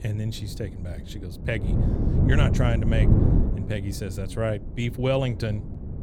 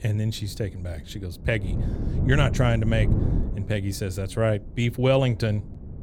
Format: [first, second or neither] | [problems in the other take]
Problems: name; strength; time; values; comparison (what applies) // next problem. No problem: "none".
second | wind noise on the microphone; heavy; 4 dB below the speech; occasional gusts in the second